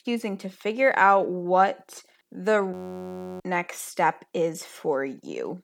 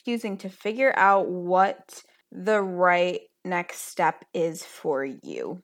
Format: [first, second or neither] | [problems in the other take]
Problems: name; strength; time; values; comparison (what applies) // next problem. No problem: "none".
second | audio freezing; at 2.5 s for 0.5 s